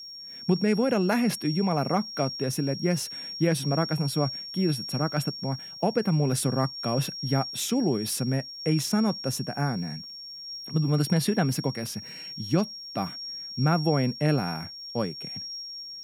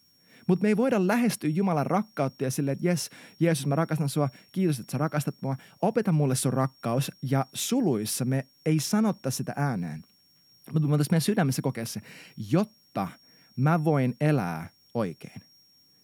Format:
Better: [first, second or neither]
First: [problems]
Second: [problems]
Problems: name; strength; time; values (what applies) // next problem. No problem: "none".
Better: second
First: high-pitched whine; loud; throughout; 5.5 kHz, 8 dB below the speech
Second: high-pitched whine; faint; throughout; 5.5 kHz, 30 dB below the speech